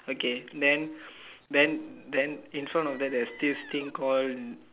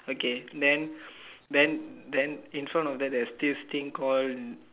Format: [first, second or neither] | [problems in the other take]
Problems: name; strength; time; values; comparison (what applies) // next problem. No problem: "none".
second | background sound (Squeak); 17 dB below the speech